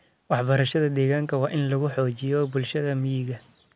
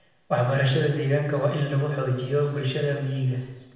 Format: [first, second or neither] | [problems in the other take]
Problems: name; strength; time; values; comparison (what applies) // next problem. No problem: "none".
first | room echo; dies away in 0.9 s